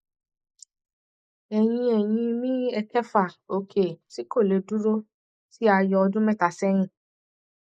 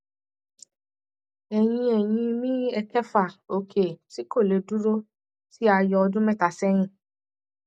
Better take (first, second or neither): second